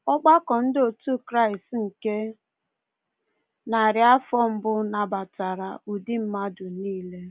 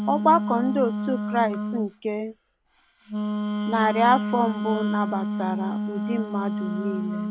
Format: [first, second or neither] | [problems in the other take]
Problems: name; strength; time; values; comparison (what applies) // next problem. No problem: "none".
first | background sound (Wind instrument, woodwind instrument); 2 dB below the speech